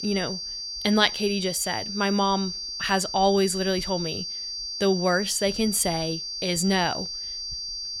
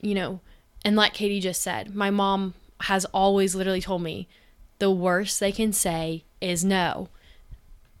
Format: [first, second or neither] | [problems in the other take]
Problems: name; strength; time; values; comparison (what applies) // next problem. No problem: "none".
second | high-pitched whine; loud; throughout; 4.5 kHz, 6 dB below the speech